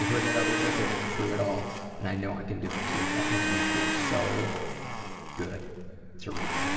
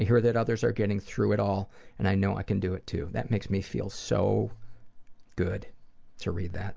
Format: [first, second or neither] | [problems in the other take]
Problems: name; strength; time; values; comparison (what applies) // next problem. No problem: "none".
second | background sound (Domestic sounds, home sounds); as loud as the speech // room echo; dies away in 2.7 s